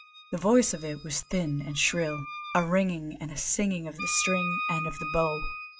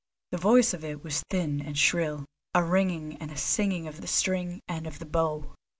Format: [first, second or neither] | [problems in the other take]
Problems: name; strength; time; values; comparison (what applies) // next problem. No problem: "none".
second | noise reduction (classical method log-MMSE)